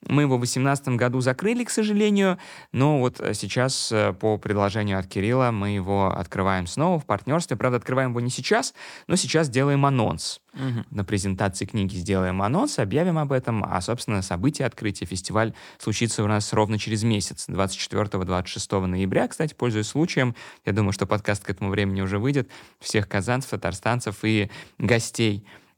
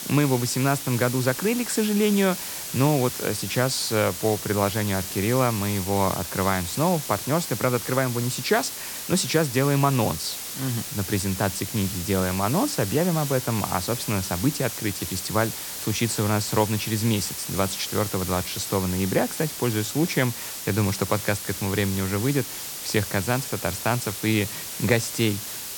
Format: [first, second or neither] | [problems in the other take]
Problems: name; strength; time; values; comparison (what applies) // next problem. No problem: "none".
first | hiss; loud; throughout; 6 dB below the speech